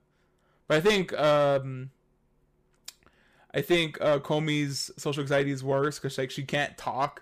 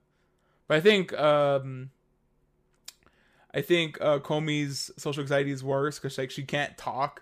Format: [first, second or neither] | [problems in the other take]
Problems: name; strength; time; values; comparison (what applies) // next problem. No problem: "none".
second | distortion; slight; 3% of the sound clipped